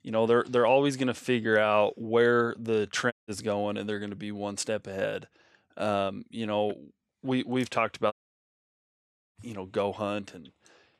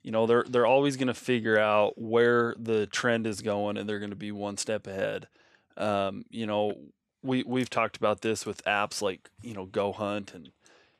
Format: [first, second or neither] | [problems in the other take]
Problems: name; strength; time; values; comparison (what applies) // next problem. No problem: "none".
second | audio cutting out; at 3 s and at 8 s for 1 s